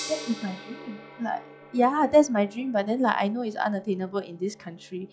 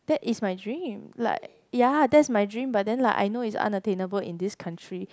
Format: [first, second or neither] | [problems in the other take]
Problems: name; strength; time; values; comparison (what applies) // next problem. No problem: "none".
second | noise reduction (classical method log-MMSE)